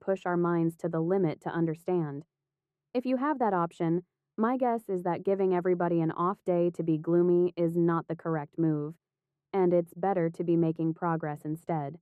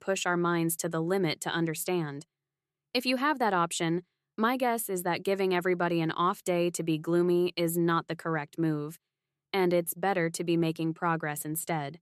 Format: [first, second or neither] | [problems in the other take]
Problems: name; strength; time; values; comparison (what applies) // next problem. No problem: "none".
second | muffled; very; fading above 2 kHz